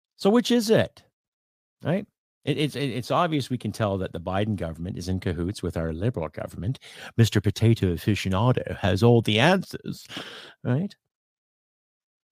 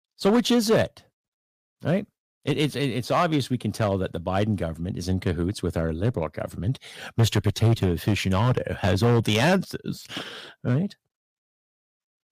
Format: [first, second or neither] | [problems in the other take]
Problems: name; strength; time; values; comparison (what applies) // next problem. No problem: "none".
first | distortion; slight; 4% of the sound clipped